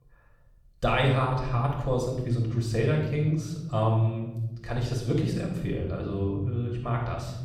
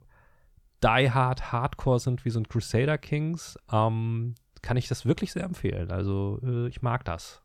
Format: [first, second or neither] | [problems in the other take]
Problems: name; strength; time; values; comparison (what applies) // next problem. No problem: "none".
second | off-mic speech; far // room echo; noticeable; dies away in 1.1 s